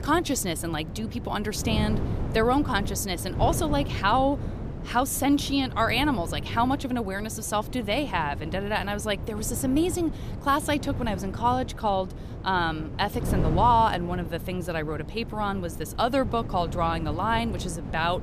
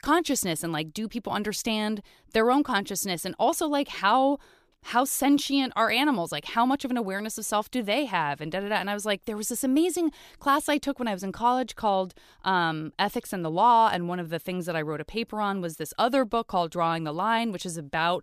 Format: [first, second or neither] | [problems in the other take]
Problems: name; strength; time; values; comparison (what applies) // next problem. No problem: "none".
second | wind noise on the microphone; occasional gusts; 15 dB below the speech